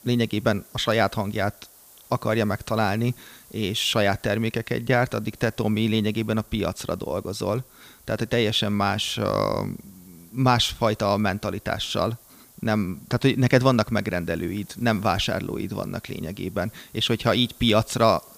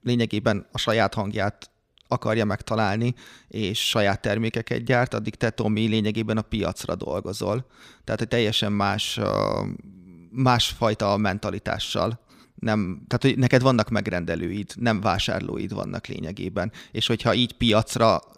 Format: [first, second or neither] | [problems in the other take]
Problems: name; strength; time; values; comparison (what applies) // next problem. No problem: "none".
second | hiss; faint; throughout; 25 dB below the speech